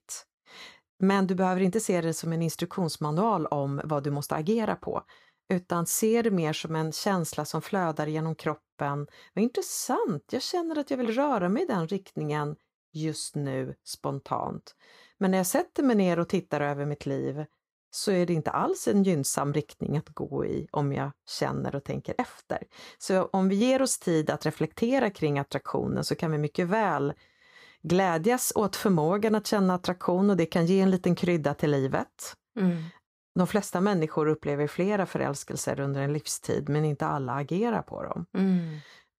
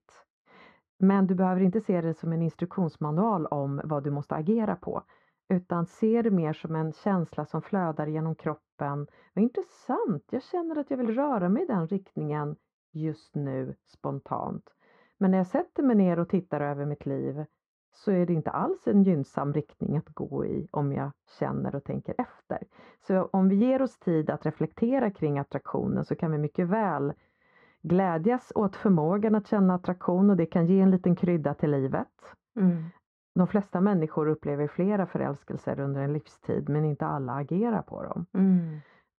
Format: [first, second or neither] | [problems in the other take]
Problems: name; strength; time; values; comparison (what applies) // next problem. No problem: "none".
first | muffled; very; fading above 1.5 kHz